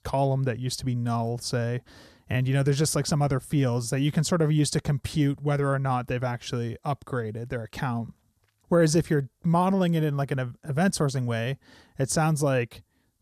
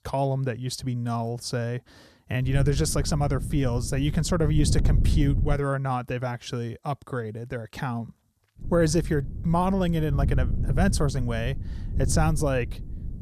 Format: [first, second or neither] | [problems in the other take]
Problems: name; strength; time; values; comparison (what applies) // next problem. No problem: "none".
first | wind noise on the microphone; occasional gusts; from 2.5 to 5.5 s and from 8.5 s on; 15 dB below the speech